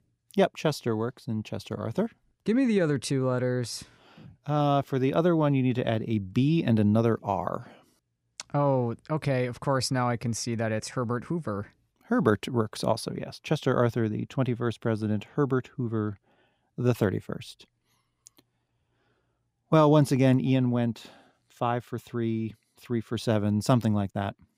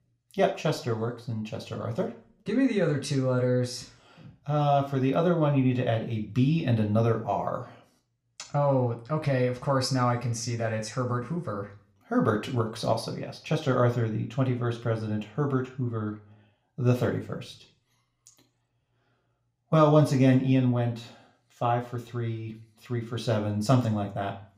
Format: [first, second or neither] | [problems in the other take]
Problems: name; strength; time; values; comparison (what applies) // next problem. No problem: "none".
first | room echo; slight; dies away in 0.4 s // off-mic speech; somewhat distant